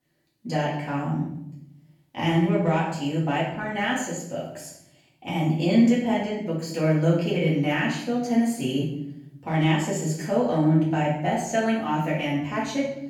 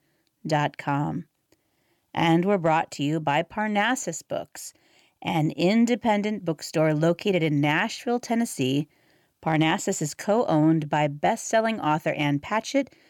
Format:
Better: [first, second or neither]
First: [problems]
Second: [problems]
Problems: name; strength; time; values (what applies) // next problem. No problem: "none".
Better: second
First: room echo; noticeable; dies away in 0.7 s // off-mic speech; far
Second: none